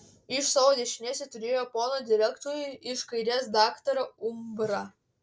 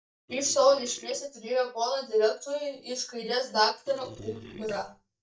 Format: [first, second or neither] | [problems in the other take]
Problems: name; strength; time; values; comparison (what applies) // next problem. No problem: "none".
first | noise reduction (neural mask model DeepFilterNet 3)